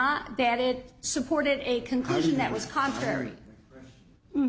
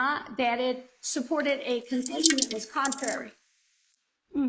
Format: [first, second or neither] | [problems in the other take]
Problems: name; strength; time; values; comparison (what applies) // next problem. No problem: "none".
first | noise reduction (neural mask model Resemble Enhance denoiser)